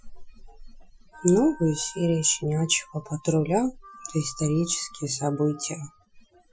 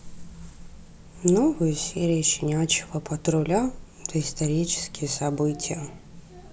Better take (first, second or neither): second